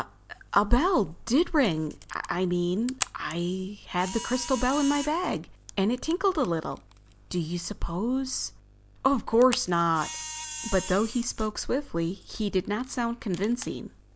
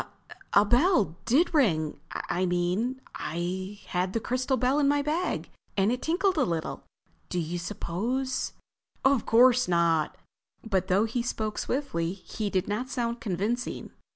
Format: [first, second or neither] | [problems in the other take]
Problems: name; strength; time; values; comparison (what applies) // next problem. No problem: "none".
second | background sound (Camera); 15 dB below the speech